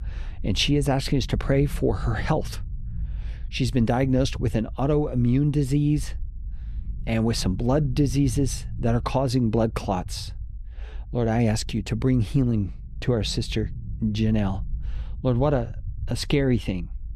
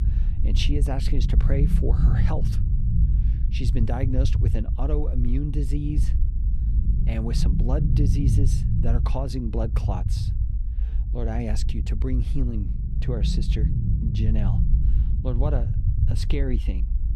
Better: first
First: low rumble; faint; throughout; 25 dB below the speech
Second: low rumble; loud; throughout; 5 dB below the speech

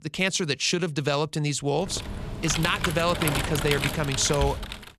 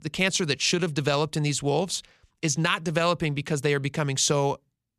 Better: second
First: keyboard typing; noticeable; from 2 s on; peak 1 dB below the speech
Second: none

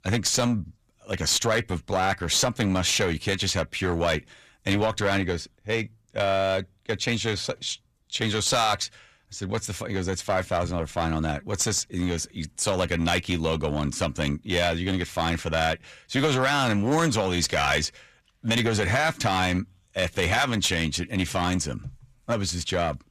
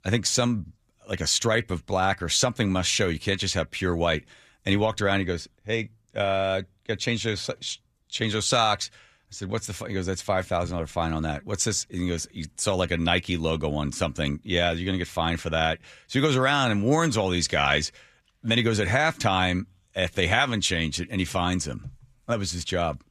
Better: second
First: distortion; slight; 5% of the sound clipped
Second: none

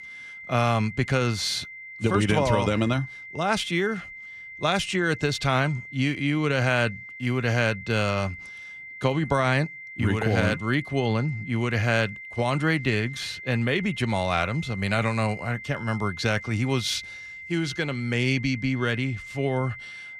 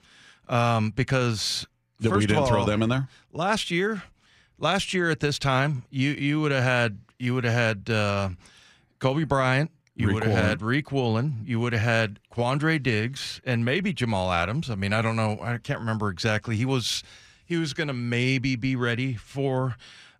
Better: second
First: high-pitched whine; noticeable; throughout; 2 kHz, 15 dB below the speech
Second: none

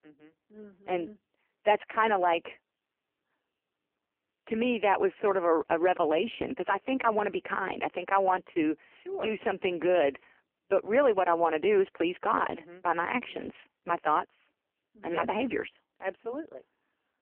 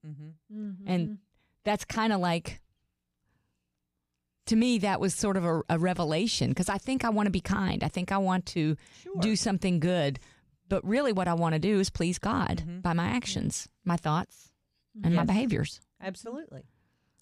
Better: second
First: phone-call audio; poor line; nothing above 3 kHz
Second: none

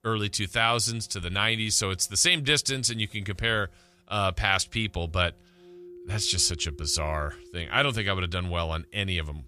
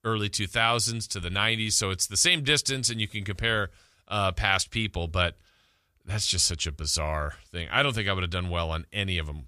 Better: second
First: background music; faint; throughout; 25 dB below the speech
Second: none

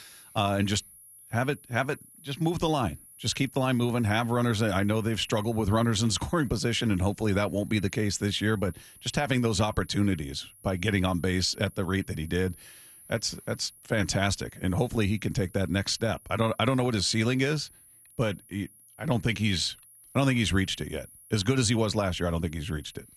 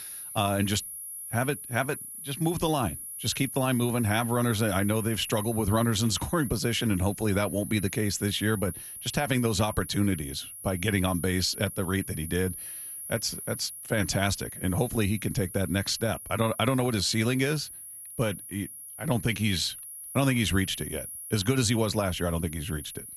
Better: first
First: high-pitched whine; faint; throughout; 10.5 kHz, 25 dB below the speech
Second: high-pitched whine; loud; throughout; 10.5 kHz, 10 dB below the speech

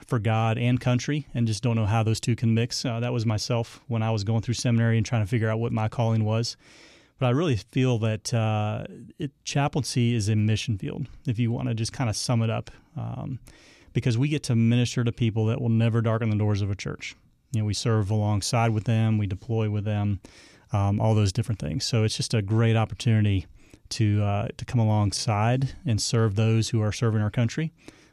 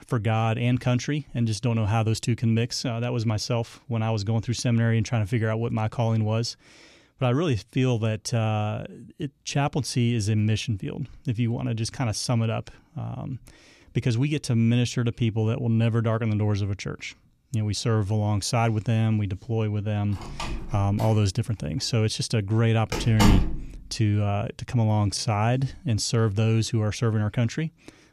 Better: first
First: none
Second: door banging; loud; from 20 to 24 s; peak 3 dB above the speech

